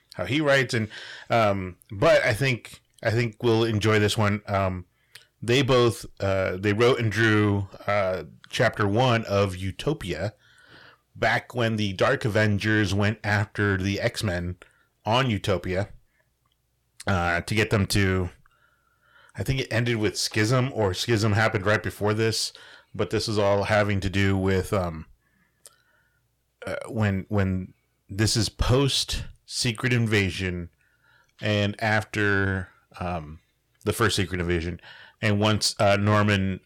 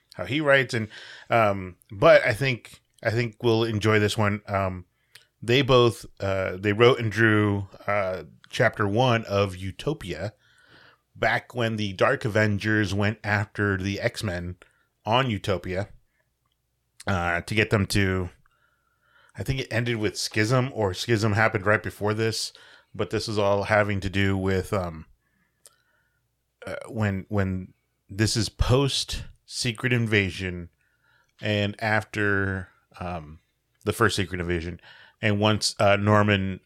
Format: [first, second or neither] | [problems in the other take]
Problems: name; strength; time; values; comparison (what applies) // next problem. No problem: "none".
second | distortion; slight; 10 dB below the speech